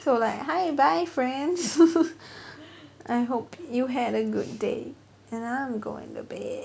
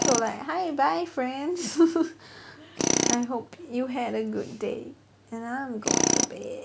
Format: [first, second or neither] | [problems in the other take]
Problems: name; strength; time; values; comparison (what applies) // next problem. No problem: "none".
first | background sound (Tools); 2 dB below the speech